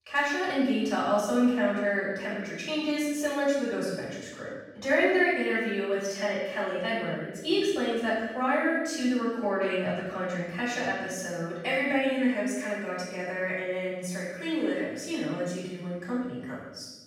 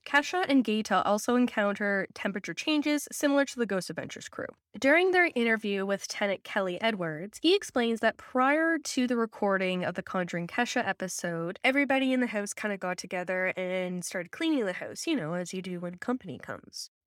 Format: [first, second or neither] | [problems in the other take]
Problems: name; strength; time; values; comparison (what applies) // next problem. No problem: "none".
second | off-mic speech; far // room echo; strong; dies away in 1 s